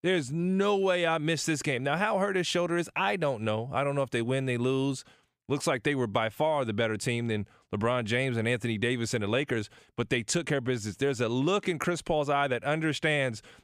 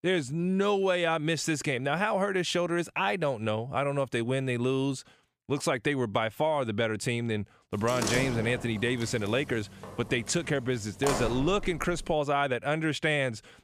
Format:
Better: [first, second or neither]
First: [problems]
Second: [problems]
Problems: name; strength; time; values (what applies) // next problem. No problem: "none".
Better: first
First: none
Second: door banging; noticeable; from 8 to 12 s; peak 1 dB below the speech